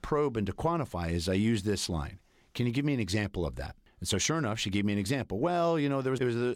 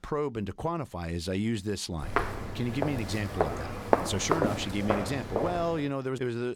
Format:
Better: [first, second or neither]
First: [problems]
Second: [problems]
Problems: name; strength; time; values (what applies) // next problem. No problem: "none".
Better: first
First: none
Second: footsteps; loud; from 2 to 5.5 s; peak 6 dB above the speech